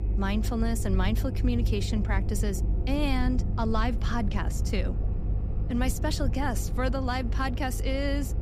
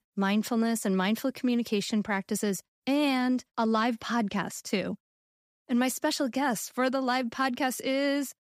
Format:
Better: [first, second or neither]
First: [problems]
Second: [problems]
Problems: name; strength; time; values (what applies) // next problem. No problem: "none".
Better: second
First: low rumble; noticeable; throughout; 10 dB below the speech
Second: none